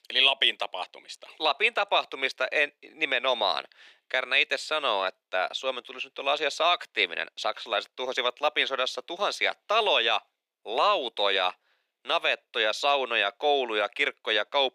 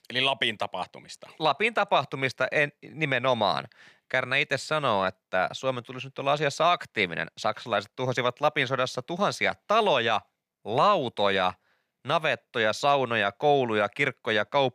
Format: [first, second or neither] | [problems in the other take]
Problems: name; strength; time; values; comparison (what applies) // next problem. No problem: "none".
second | thin; somewhat; fading below 300 Hz